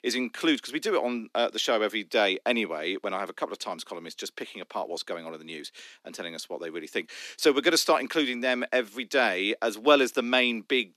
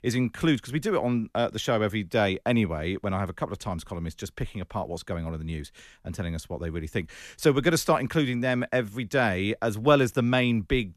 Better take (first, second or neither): second